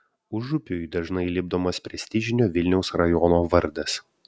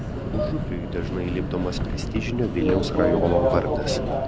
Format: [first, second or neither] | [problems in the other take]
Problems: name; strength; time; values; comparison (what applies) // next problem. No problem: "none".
first | background sound (Subway, metro, underground); 2 dB above the speech